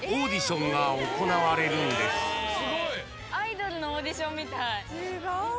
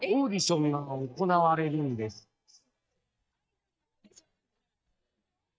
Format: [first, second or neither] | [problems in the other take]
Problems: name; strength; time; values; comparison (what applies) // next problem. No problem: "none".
first | noise reduction (neural mask model DeepFilterNet 3)